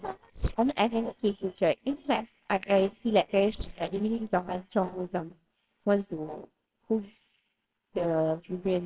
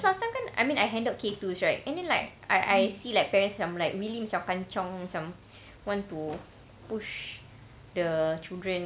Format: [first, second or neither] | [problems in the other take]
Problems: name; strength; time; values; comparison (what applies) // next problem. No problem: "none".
second | noise reduction (neural separator model SepFormer WHAMR!)